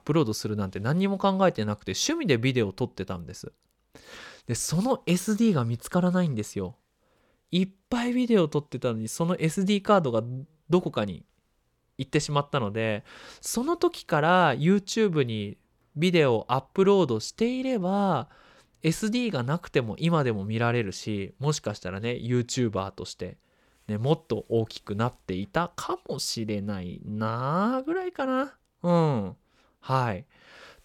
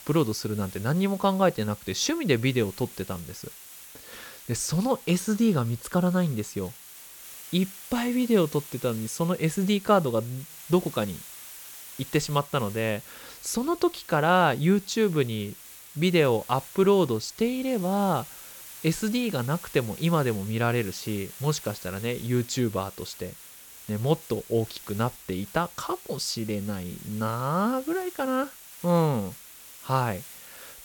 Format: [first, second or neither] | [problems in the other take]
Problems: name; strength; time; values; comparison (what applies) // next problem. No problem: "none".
first | hiss; noticeable; throughout; 15 dB below the speech